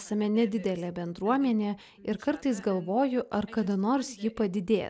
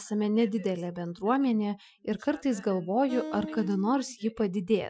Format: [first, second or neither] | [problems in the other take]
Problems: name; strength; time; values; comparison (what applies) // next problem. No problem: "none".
first | noise reduction (classical method Wiener filter)